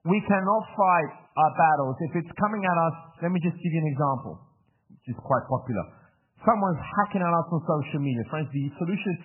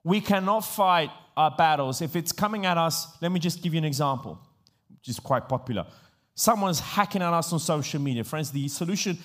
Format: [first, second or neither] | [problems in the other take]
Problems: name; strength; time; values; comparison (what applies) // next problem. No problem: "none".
second | garbled, watery; badly; nothing above 3 kHz